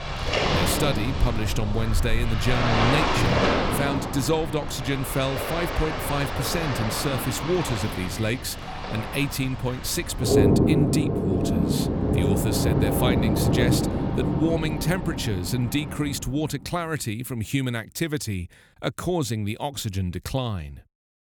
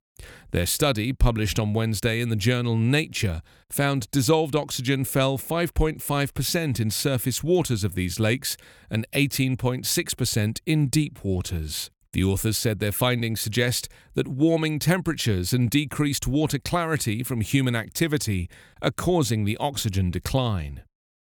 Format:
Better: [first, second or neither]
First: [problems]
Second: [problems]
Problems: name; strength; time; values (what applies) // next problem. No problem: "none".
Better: second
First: rain or running water; very loud; until 16 s; 2 dB above the speech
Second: none